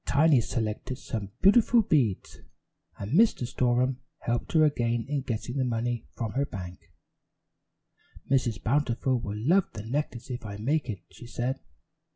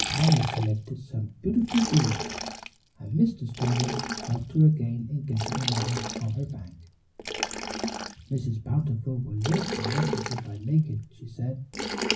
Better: first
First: none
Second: background sound (Liquid); 7 dB below the speech // room echo; dies away in 0.4 s

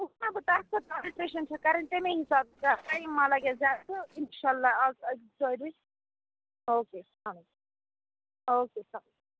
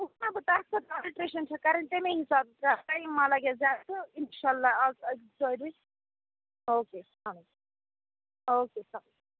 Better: second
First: noise reduction (neural separator model SepFormer DNS4)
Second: none

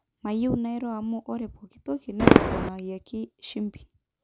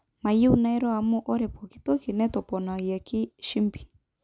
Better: second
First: background sound (Fireworks); 4 dB above the speech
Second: none

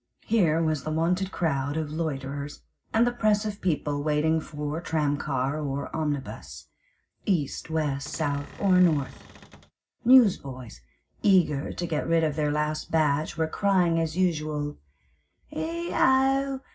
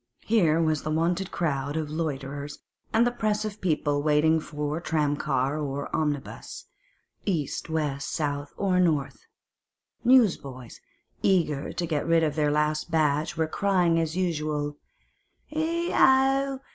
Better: second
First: background sound (Cupboard open or close / Door); 19 dB below the speech // room echo; dies away in 0.4 s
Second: none

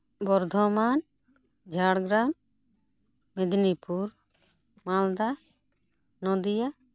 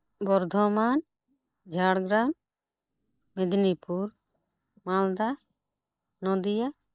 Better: first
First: none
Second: noise reduction (neural mask model Resemble Enhance denoiser)

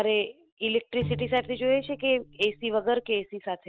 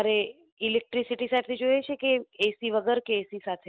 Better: second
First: background sound (Bowed string instrument); 12 dB below the speech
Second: none

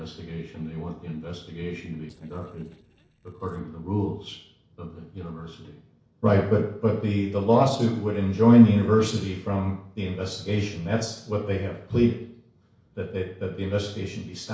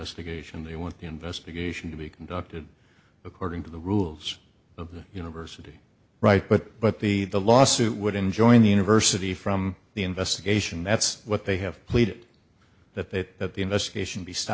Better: second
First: noise reduction (neural separator model SepFormer DNS4)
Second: none

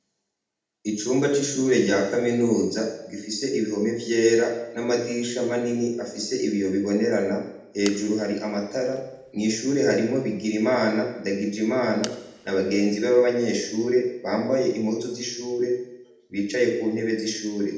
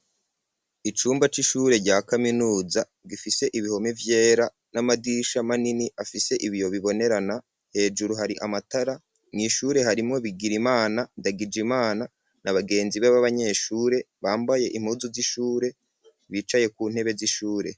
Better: second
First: background sound (Fire); 19 dB below the speech // room echo; dies away in 0.8 s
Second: none

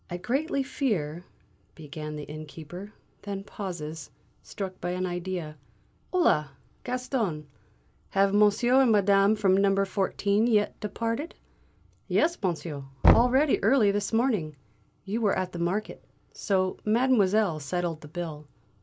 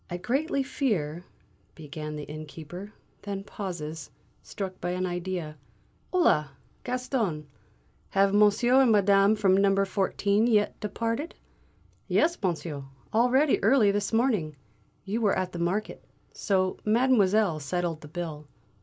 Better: second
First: background sound (Knock); 3 dB below the speech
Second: none

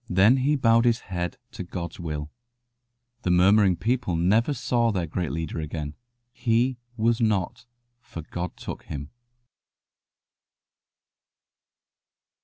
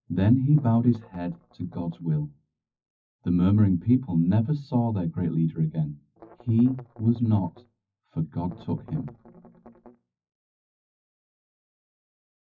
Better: first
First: none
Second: noise reduction (classical method WPE with log-MMSE)

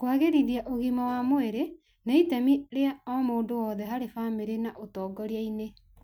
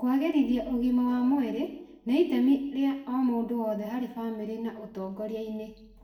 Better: first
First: none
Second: room echo; dies away in 0.8 s

